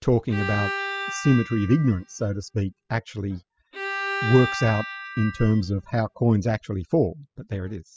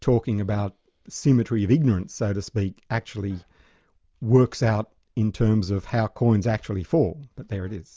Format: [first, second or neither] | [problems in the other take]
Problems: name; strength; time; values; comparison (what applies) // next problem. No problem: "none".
second | noise reduction (classical method spectral subtraction)